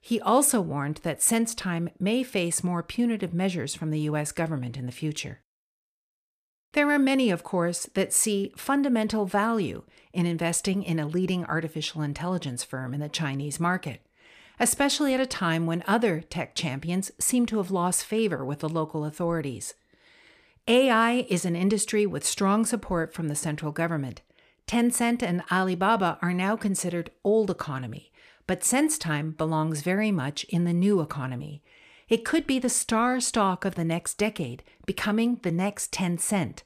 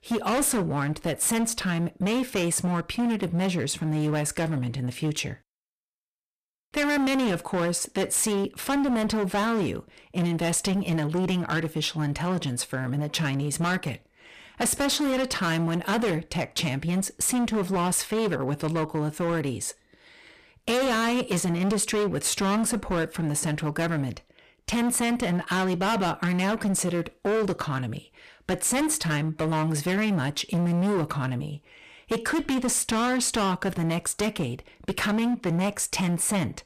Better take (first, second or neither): first